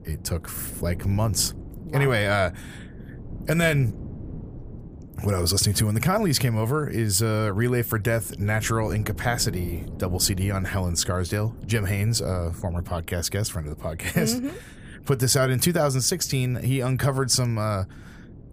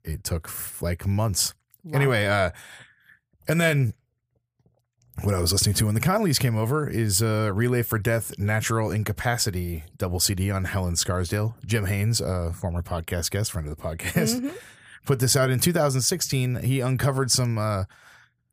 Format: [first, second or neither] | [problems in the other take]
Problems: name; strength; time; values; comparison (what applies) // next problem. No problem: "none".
second | wind noise on the microphone; occasional gusts; 20 dB below the speech